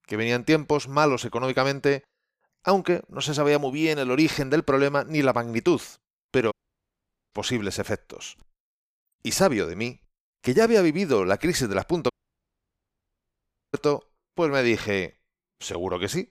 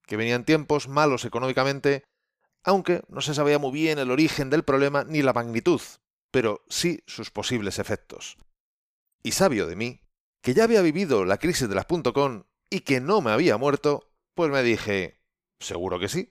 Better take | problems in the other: second | audio cutting out; at 6.5 s for 1 s and at 12 s for 1.5 s

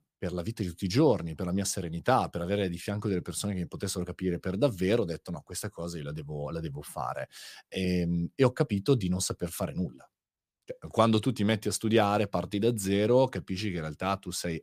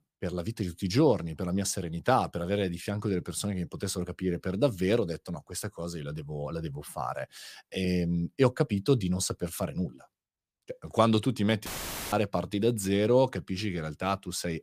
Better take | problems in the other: first | audio cutting out; filled with static; at 12 s

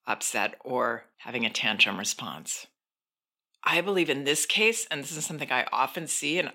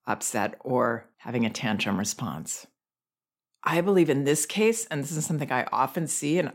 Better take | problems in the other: second | thin; very slightly; fading below 450 Hz

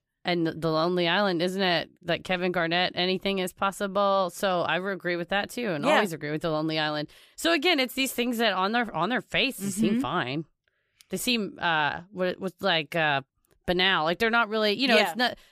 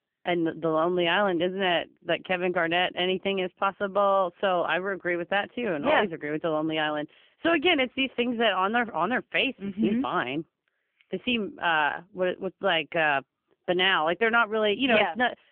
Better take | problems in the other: first | phone-call audio; poor line; nothing above 3 kHz

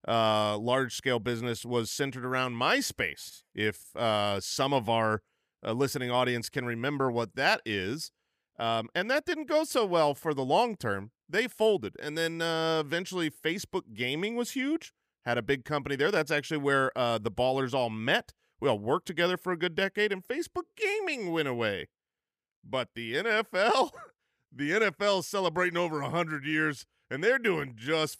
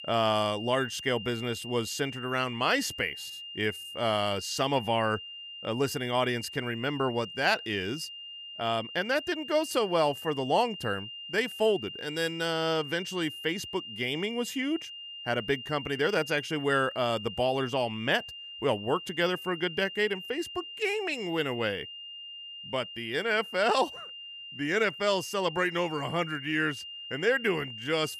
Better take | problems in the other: first | high-pitched whine; noticeable; throughout; 3 kHz, 10 dB below the speech

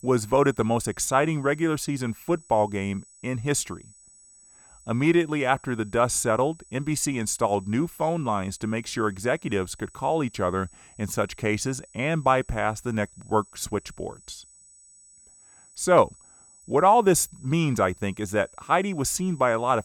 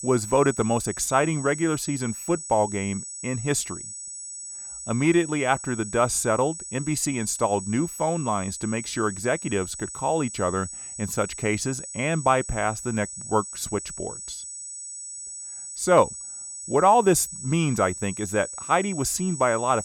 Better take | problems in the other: first | high-pitched whine; loud; throughout; 8 kHz, 9 dB below the speech; faint in the first

